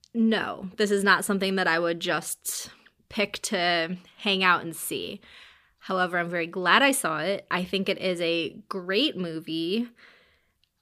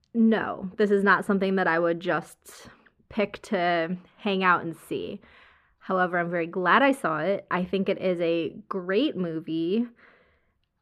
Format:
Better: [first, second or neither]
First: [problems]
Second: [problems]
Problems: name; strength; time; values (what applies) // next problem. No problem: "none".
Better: first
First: none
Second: muffled; very; fading above 3 kHz